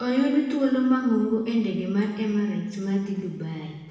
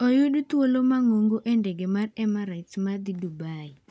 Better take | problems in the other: second | room echo; dies away in 1.2 s

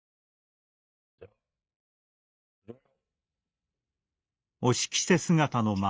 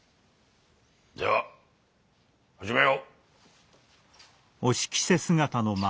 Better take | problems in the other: second | noise reduction (neural mask model DeepFilterNet 3)

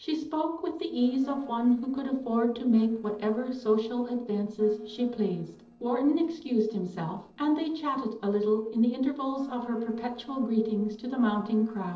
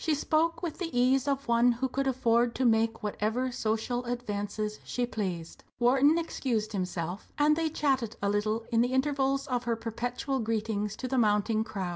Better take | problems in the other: second | noise reduction (neural separator model SepFormer DNS4)

